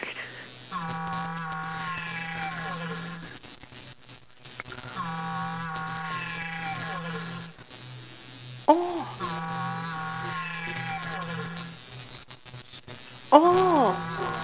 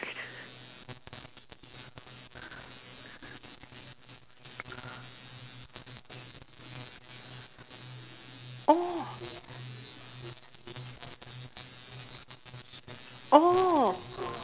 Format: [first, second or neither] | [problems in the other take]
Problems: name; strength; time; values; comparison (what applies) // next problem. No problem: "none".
second | background sound (Musical instrument); 5 dB below the speech